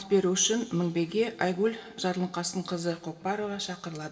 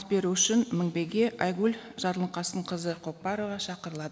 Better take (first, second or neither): second